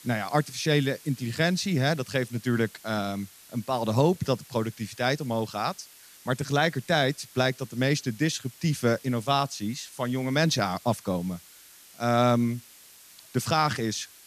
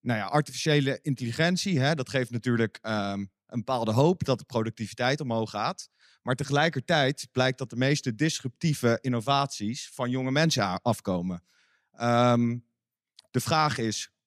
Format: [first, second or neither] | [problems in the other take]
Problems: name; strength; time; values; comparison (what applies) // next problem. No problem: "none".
second | hiss; faint; throughout; 20 dB below the speech